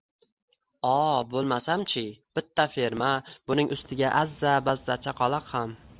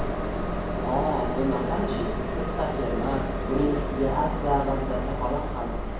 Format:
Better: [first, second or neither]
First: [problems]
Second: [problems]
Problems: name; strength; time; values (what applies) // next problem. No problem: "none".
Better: first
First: none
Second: background sound (Train); 1 dB above the speech // room echo; dies away in 1.2 s